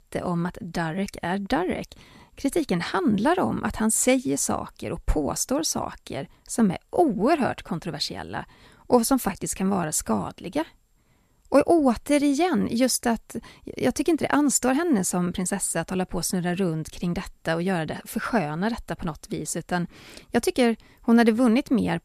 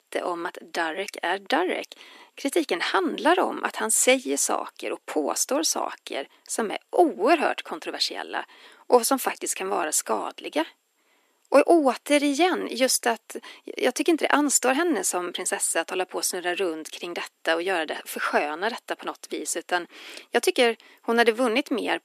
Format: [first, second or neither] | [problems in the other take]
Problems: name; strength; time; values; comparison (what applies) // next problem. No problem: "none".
first | thin; somewhat; fading below 300 Hz